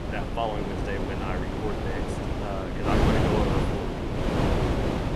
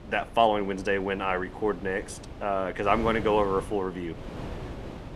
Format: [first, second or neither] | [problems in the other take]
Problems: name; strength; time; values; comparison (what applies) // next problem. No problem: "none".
second | wind noise on the microphone; heavy; 3 dB above the speech; occasional gusts in the second